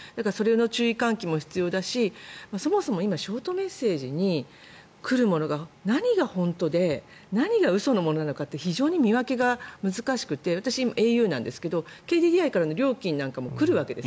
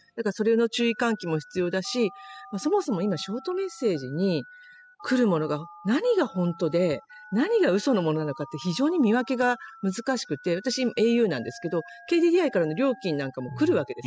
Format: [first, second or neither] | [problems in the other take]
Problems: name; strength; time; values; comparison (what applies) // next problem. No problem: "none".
first | noise reduction (classical method spectral subtraction)